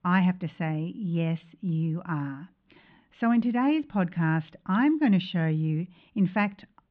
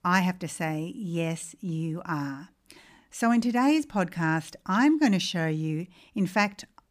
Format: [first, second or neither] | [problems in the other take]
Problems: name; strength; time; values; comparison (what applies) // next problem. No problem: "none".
second | muffled; very; fading above 3.5 kHz